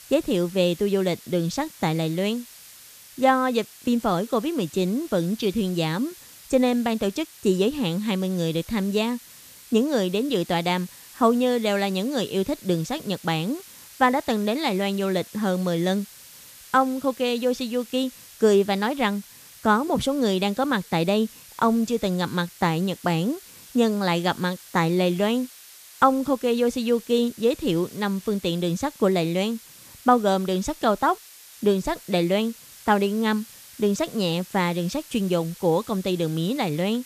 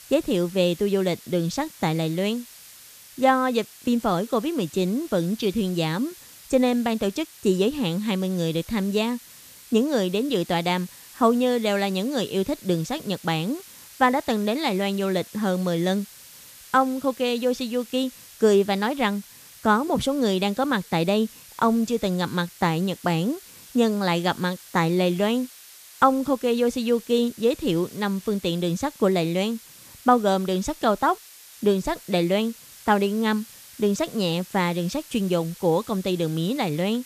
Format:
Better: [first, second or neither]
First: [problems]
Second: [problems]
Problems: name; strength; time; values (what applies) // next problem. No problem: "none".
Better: neither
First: hiss; noticeable; throughout; 20 dB below the speech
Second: hiss; noticeable; throughout; 20 dB below the speech